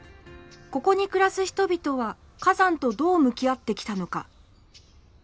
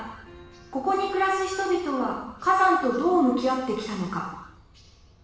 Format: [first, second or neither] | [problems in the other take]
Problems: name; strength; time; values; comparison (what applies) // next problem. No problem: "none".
first | room echo; dies away in 0.9 s